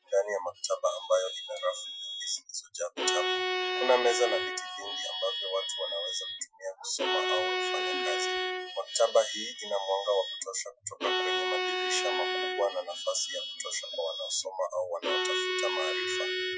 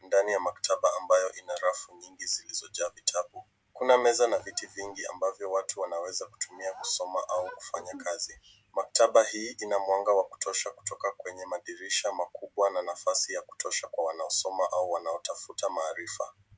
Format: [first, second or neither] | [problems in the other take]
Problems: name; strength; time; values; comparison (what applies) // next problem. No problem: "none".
second | noise reduction (classical method Wiener filter)